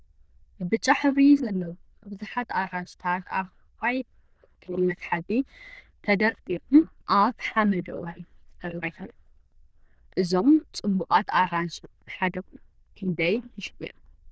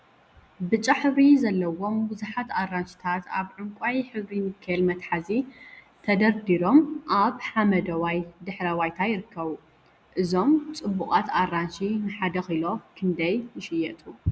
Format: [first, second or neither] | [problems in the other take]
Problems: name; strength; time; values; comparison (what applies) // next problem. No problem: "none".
second | noise reduction (neural diffusion model UNIVERSE++)